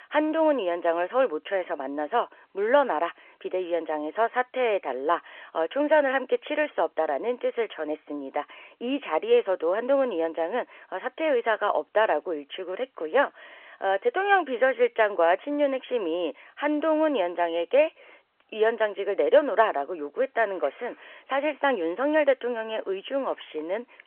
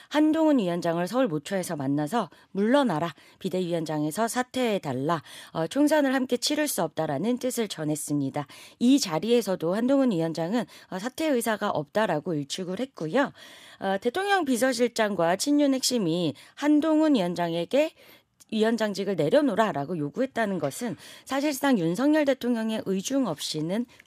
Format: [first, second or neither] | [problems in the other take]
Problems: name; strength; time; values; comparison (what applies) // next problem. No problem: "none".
second | phone-call audio